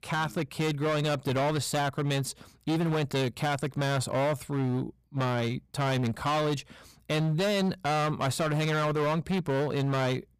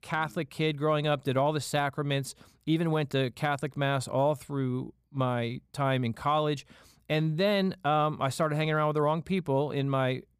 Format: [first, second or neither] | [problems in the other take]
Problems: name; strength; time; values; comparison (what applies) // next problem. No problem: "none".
second | distortion; heavy; 23% of the sound clipped